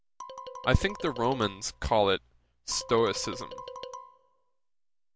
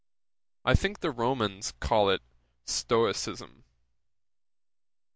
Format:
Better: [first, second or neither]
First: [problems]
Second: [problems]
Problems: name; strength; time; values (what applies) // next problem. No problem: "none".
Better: second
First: background sound (Marimba, xylophone); 13 dB below the speech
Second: none